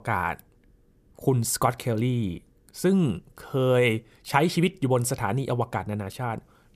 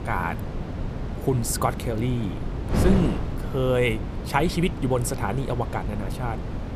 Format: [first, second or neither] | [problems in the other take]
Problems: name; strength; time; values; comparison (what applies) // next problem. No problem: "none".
first | wind noise on the microphone; heavy; 8 dB below the speech